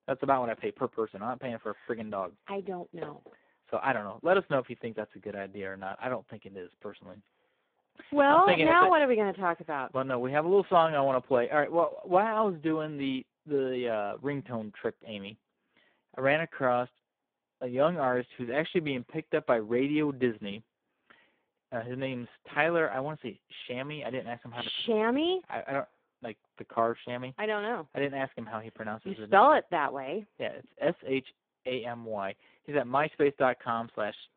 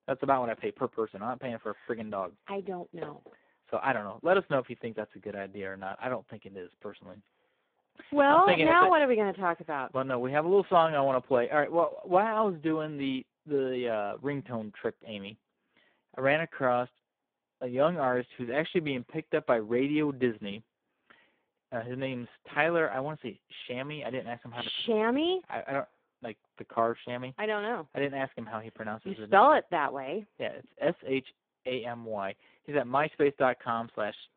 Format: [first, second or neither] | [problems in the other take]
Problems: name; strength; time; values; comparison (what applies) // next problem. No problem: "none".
neither | phone-call audio; poor line; the same in both